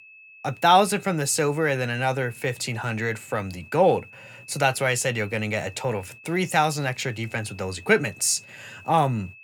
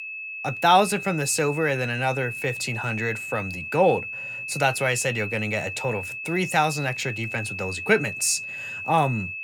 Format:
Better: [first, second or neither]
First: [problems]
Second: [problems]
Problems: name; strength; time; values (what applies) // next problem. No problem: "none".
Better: first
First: high-pitched whine; faint; throughout; 2.5 kHz, 20 dB below the speech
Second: high-pitched whine; loud; throughout; 2.5 kHz, 7 dB below the speech